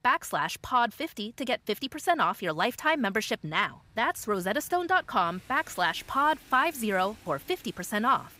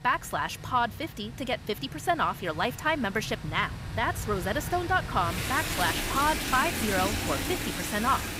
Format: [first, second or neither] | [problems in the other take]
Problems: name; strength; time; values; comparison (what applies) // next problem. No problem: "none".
first | rain or running water; loud; throughout; 4 dB below the speech; faint in the first